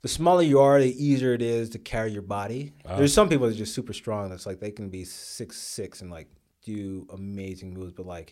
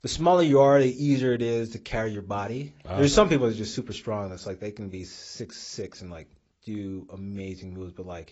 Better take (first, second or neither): first